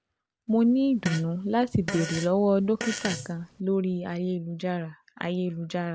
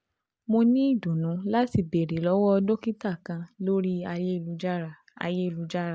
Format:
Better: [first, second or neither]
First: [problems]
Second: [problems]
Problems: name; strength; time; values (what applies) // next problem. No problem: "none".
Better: second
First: background sound (Fart); 11 dB below the speech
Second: none